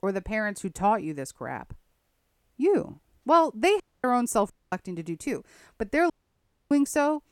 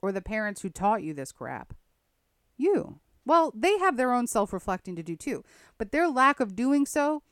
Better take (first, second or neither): second